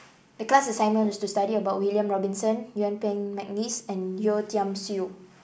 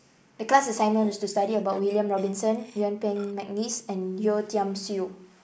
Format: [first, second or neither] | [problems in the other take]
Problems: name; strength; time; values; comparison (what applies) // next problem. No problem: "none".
first | noise reduction (neural mask model Resemble Enhance denoiser)